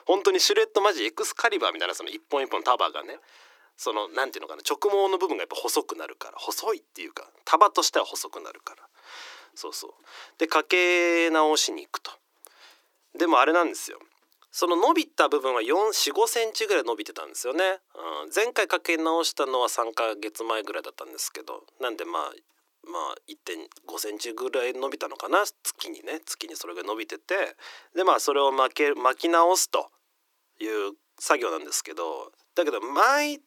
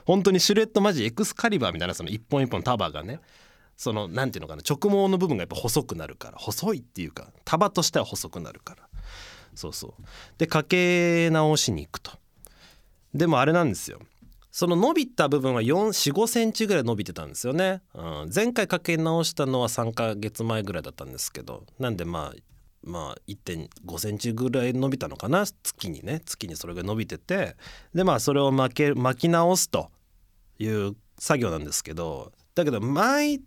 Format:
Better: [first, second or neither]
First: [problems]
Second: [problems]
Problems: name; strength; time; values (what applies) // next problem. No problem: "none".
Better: second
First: thin; very; fading below 300 Hz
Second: none